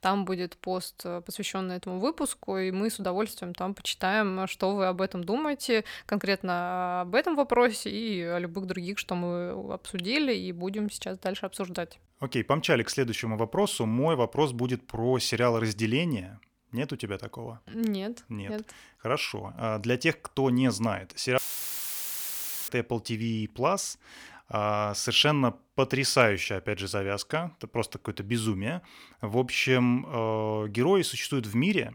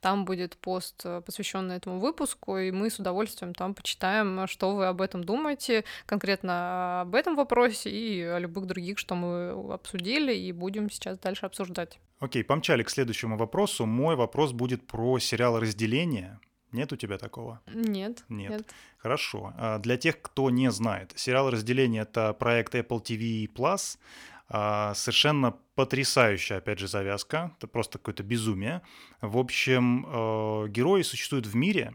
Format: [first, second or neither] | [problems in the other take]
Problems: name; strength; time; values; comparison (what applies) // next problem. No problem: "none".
second | audio cutting out; filled with static; at 21 s for 1.5 s